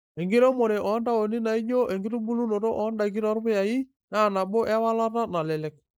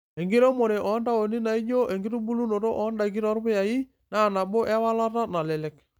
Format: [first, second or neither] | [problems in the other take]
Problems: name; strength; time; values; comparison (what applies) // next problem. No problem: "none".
second | noise reduction (neural mask model Resemble Enhance denoiser)